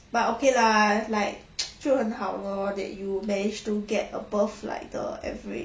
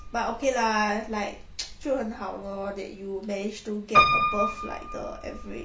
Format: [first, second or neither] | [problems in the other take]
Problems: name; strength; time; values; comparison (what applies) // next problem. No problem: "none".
first | background sound (Piano); as loud as the speech